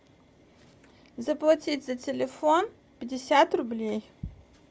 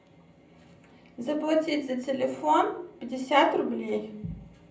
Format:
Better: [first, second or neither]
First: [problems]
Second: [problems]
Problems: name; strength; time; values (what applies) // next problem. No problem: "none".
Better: first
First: none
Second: room echo; dies away in 0.6 s